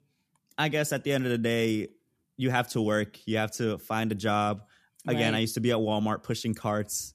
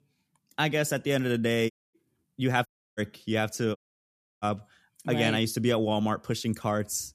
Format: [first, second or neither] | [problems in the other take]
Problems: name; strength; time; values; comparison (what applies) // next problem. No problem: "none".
first | audio cutting out; at 1.5 s, at 2.5 s and at 4 s for 0.5 s